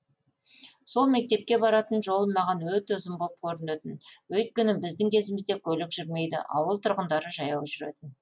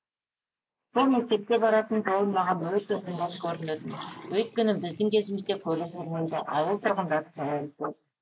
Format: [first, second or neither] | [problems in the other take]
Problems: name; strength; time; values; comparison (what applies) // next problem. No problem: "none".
first | noise reduction (neural mask model Resemble Enhance denoiser)